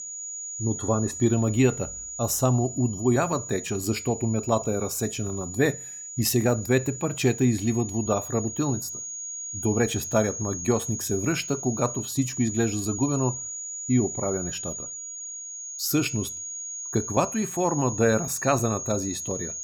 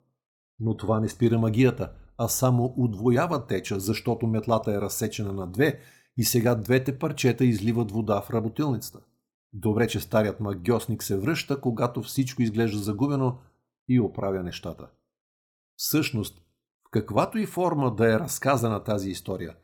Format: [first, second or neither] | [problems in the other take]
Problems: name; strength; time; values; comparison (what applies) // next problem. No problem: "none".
second | high-pitched whine; loud; throughout; 6.5 kHz, 7 dB below the speech